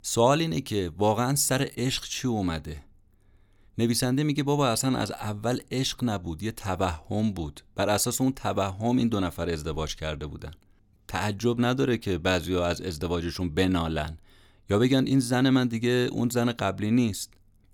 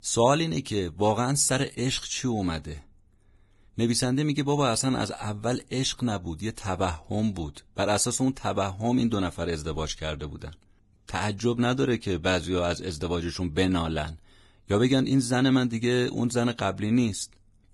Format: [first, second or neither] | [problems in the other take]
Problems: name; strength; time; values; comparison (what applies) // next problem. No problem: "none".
first | garbled, watery; badly; nothing above 11 kHz